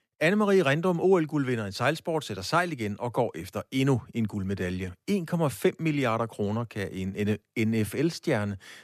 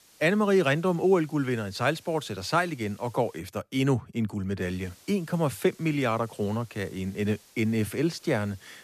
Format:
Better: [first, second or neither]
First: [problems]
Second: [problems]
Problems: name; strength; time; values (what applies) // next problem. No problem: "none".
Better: first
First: none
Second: hiss; faint; until 3.5 s and from 4.5 s on; 25 dB below the speech